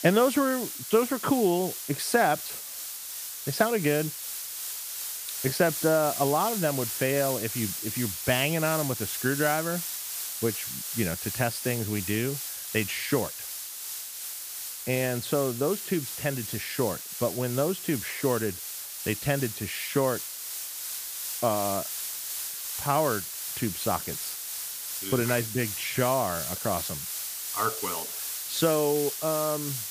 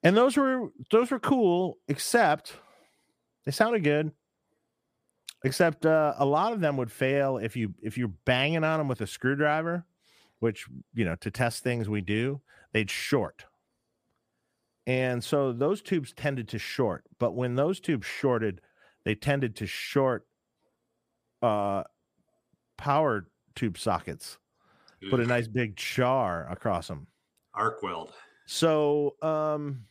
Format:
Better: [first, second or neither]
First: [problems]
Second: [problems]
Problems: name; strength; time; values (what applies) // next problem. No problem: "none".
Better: second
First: hiss; loud; throughout; 4 dB below the speech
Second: none